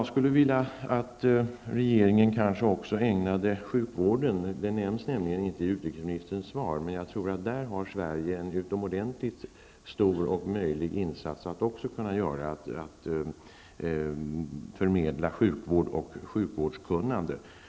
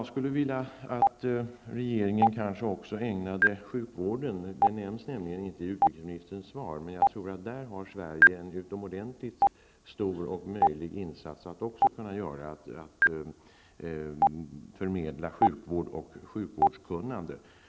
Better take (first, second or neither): first